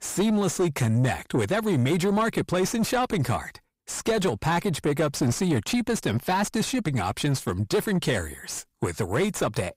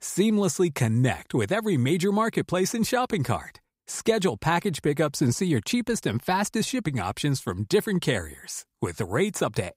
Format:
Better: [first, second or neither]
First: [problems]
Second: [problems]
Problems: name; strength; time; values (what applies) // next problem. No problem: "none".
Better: second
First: distortion; slight; 10 dB below the speech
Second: none